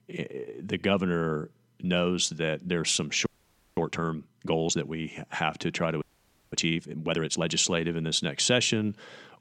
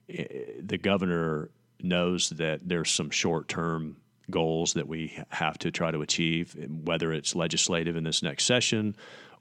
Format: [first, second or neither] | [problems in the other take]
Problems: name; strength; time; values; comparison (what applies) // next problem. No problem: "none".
second | audio freezing; at 3.5 s for 0.5 s and at 6 s for 0.5 s